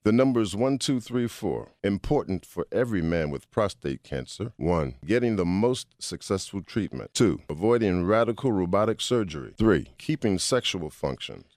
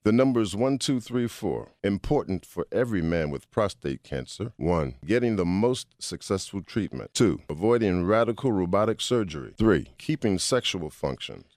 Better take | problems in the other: neither | none

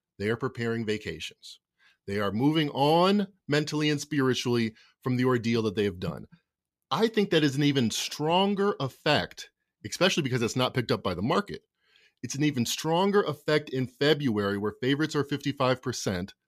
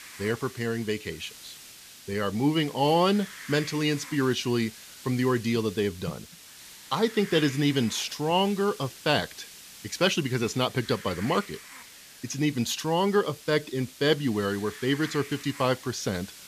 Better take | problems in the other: first | hiss; noticeable; throughout; 15 dB below the speech

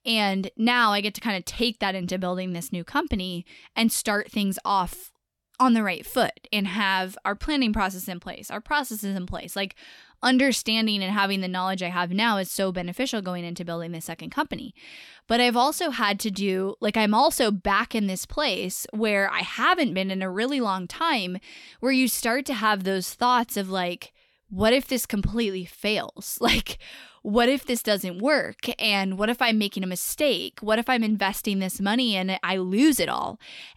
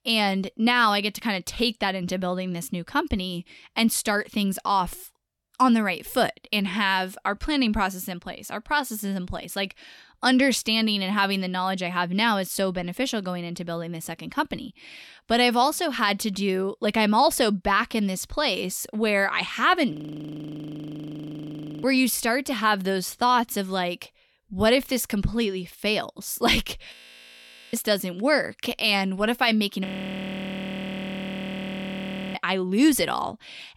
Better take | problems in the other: first | audio freezing; at 20 s for 2 s, at 27 s for 1 s and at 30 s for 2.5 s

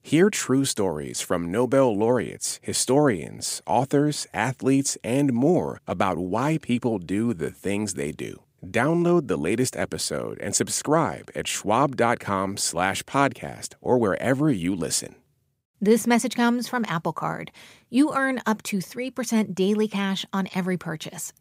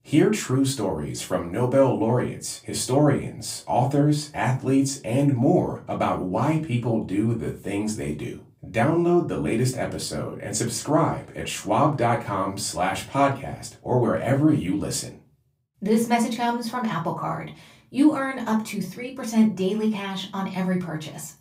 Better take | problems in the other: first | off-mic speech; far // room echo; very slight; dies away in 0.3 s

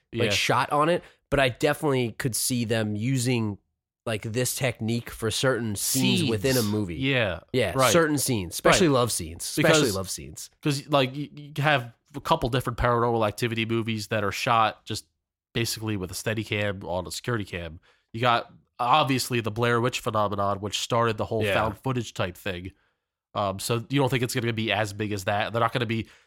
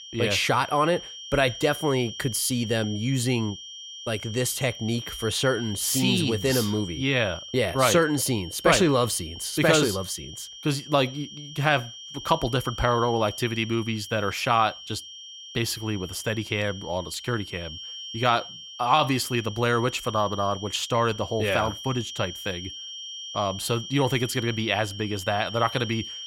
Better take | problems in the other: first | high-pitched whine; noticeable; throughout; 3 kHz, 10 dB below the speech

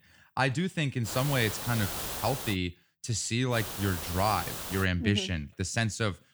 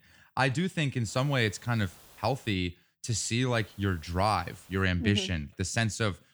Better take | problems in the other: second | hiss; loud; from 1 to 2.5 s and from 3.5 to 5 s; 5 dB below the speech; faint in the second

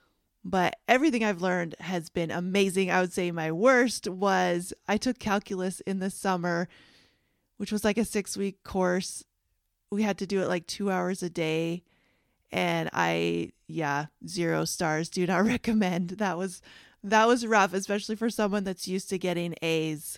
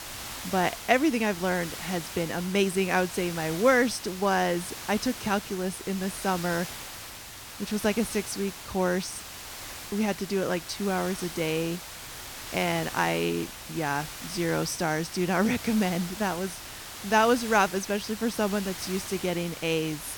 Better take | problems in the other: first | hiss; noticeable; throughout; 10 dB below the speech

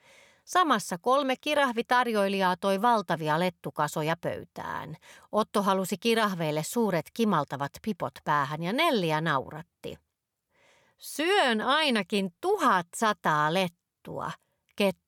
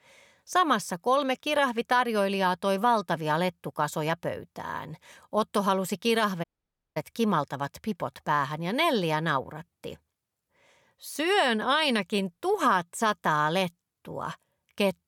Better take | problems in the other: first | audio cutting out; at 6.5 s for 0.5 s

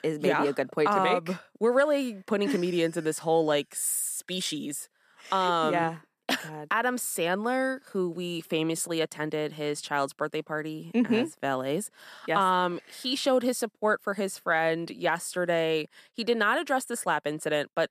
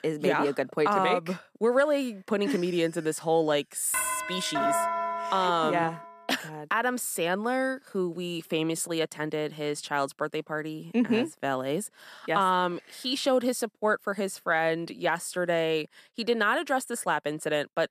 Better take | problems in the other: first | doorbell; loud; from 4 to 6 s; peak 2 dB above the speech

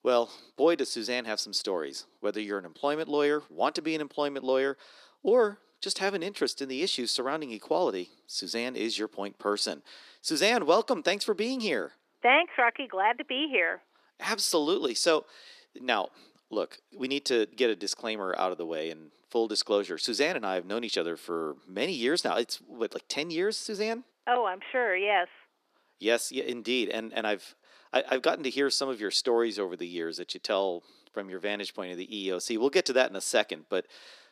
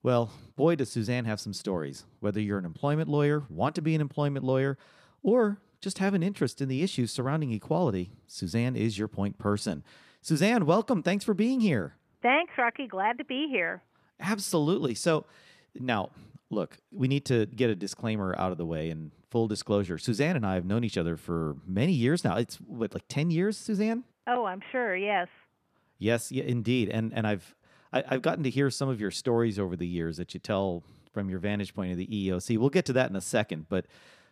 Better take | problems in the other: second | thin; somewhat; fading below 300 Hz

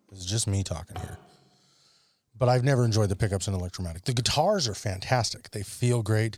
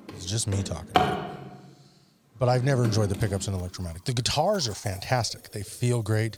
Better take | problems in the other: first | household noises; loud; throughout; 5 dB below the speech; faint in the first

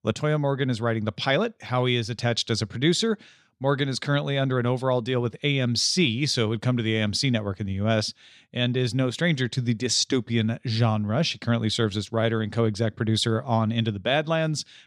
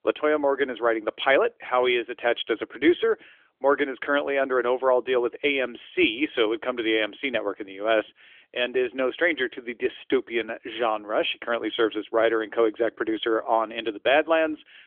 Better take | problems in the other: first | phone-call audio; nothing above 3.5 kHz

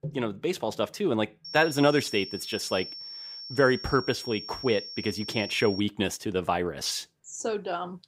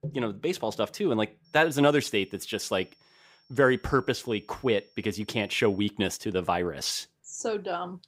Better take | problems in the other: second | high-pitched whine; loud; from 1.5 to 6 s; 5.5 kHz, 10 dB below the speech; faint in the second

